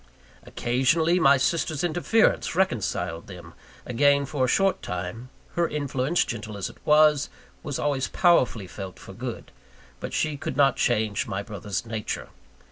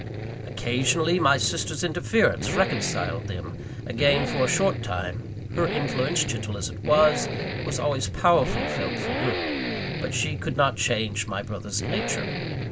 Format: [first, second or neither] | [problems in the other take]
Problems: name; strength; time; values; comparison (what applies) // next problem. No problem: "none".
first | background sound (Accelerating, revving, vroom); 4 dB below the speech